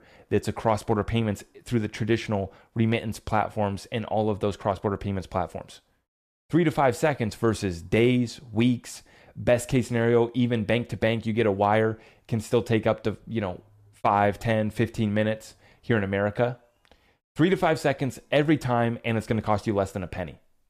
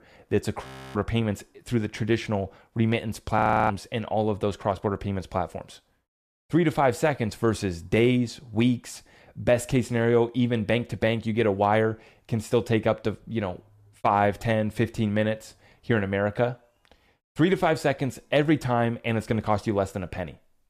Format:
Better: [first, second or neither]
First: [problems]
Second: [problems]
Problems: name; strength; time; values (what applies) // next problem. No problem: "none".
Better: first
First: none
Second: audio freezing; at 0.5 s and at 3.5 s